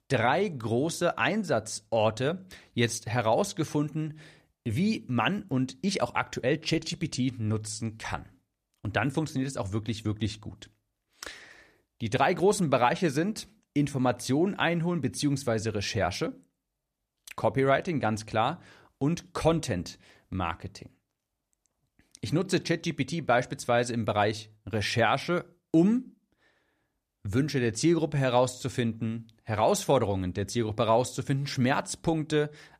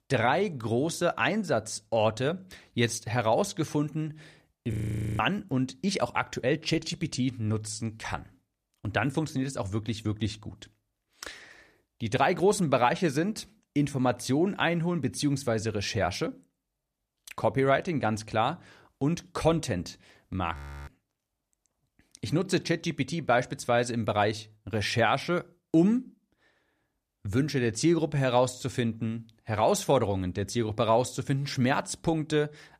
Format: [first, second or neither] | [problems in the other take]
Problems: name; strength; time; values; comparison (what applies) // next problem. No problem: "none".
first | audio freezing; at 4.5 s and at 21 s